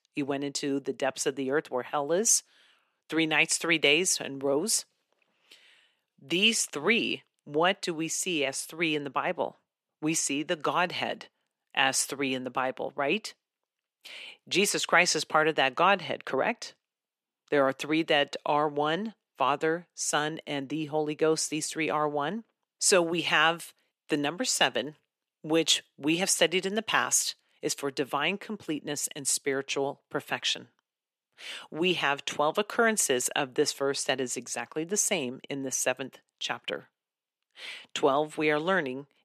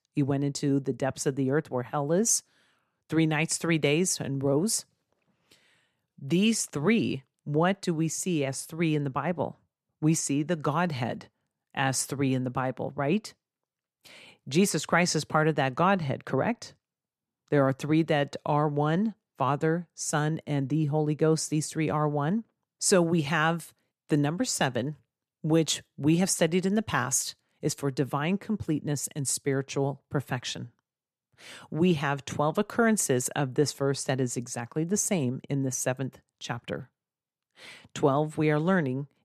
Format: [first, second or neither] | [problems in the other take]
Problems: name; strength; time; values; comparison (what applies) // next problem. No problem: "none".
second | thin; somewhat; fading below 350 Hz